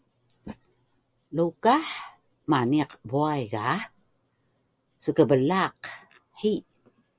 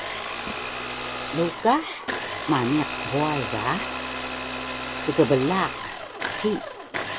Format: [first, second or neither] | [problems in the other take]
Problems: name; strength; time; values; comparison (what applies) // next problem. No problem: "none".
first | background sound (Domestic sounds, home sounds); 4 dB below the speech